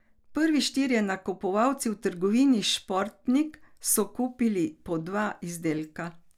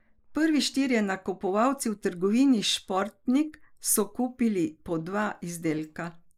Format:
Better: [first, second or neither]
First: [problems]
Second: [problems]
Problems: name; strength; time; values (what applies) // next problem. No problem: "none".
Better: first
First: none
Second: noise reduction (neural mask model Resemble Enhance denoiser)